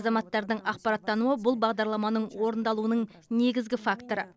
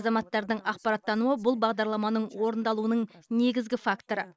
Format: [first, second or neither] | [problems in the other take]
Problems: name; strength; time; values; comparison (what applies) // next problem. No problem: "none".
first | noise reduction (neural mask model Resemble Enhance denoiser)